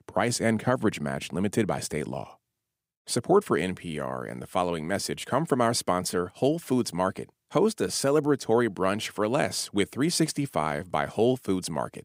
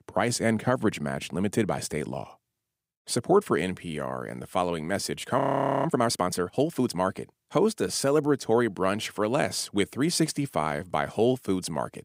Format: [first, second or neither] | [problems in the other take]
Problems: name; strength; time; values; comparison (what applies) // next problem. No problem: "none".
first | audio freezing; at 5.5 s